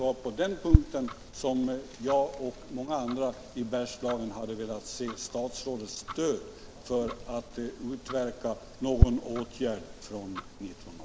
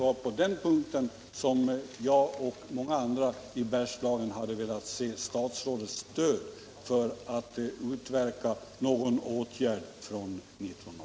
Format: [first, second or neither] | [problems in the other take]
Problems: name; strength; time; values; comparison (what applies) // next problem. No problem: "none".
second | background sound (Tick-tock); as loud as the speech